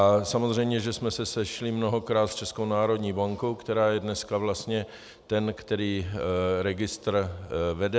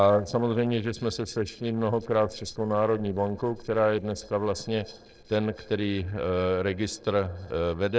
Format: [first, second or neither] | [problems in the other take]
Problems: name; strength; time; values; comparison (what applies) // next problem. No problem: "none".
first | noise reduction (neural separator model SepFormer DNS4)